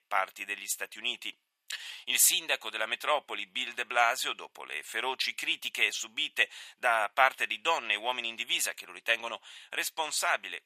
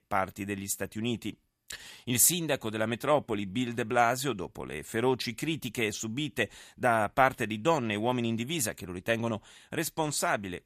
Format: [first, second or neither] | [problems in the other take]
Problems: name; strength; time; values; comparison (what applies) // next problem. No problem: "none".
second | thin; very; fading below 850 Hz